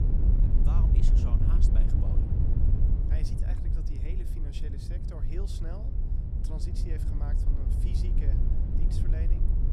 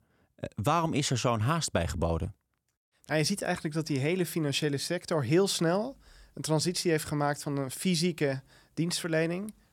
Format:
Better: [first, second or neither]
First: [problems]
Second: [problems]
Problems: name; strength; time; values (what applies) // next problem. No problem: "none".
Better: second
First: wind noise on the microphone; heavy; 4 dB above the speech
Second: none